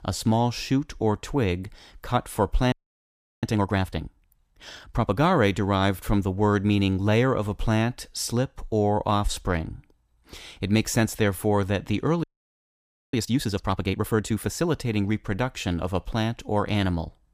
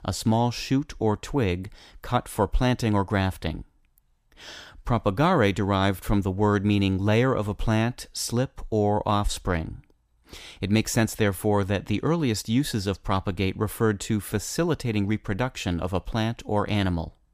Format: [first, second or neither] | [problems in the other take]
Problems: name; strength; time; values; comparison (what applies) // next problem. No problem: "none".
second | audio freezing; at 2.5 s for 0.5 s and at 12 s for 1 s